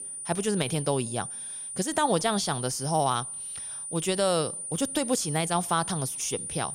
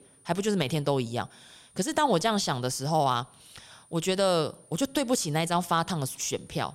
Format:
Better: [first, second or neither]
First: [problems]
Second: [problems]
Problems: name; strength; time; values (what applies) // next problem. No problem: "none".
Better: second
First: high-pitched whine; loud; throughout; 9.5 kHz, 6 dB below the speech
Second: high-pitched whine; faint; throughout; 9.5 kHz, 30 dB below the speech